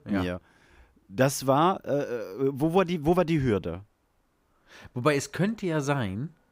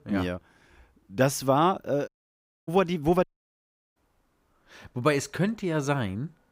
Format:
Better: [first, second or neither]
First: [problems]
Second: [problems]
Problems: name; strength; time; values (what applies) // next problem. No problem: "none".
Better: first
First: none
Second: audio cutting out; at 2 s for 0.5 s and at 3 s for 0.5 s